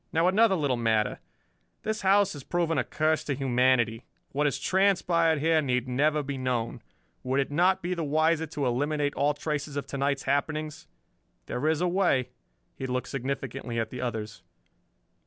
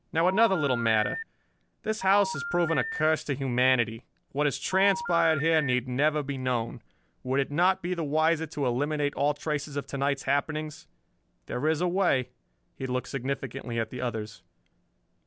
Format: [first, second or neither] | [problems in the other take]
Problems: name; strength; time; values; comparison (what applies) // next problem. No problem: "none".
first | background sound (Telephone); 7 dB below the speech